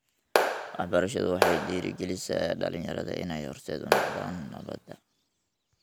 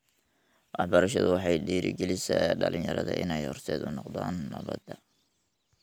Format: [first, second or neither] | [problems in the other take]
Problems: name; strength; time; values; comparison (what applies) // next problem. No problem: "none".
second | background sound (Clapping); 2 dB above the speech